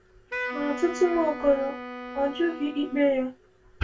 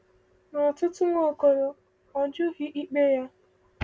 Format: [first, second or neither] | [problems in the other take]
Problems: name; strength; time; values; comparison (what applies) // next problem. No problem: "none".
second | background sound (Wind instrument, woodwind instrument); 10 dB below the speech // room echo; dies away in 0.1 s